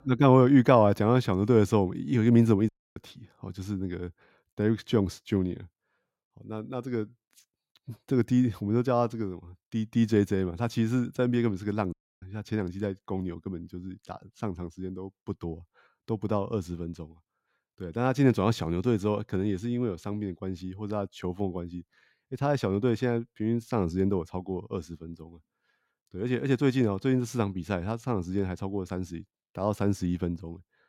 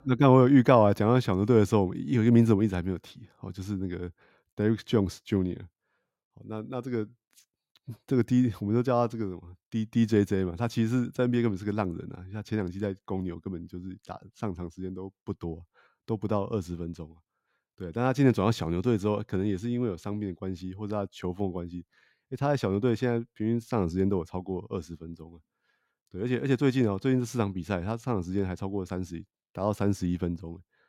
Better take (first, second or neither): second